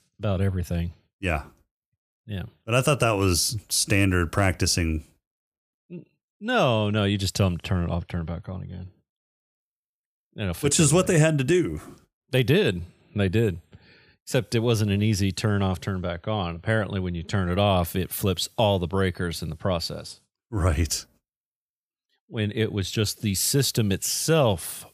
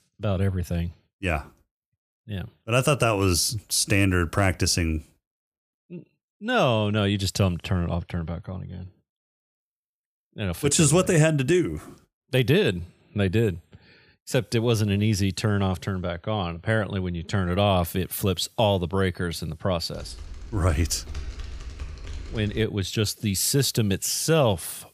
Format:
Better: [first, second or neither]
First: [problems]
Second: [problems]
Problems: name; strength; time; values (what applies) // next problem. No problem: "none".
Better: first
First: none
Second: keyboard typing; faint; from 20 to 23 s; peak 10 dB below the speech